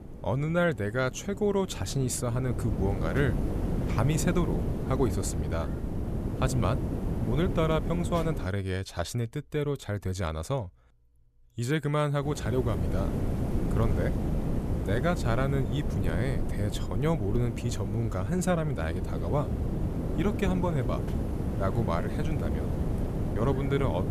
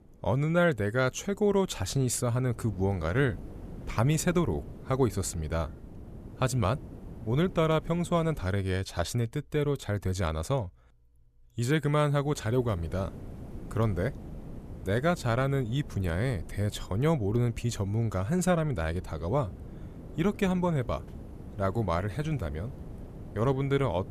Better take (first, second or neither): second